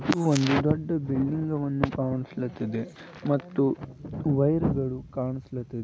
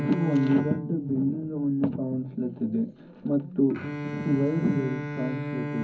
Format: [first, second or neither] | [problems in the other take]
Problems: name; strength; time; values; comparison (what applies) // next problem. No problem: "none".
first | background sound (Bowed string instrument); 9 dB below the speech // room echo; dies away in 0.4 s